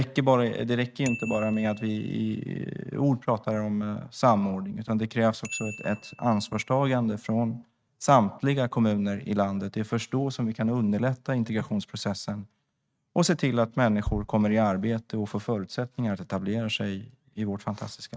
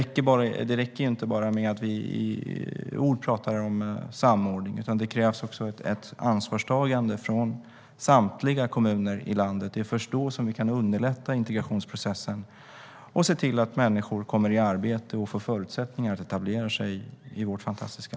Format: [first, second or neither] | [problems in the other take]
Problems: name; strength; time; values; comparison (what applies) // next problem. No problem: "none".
second | noise reduction (neural mask model RNNoise)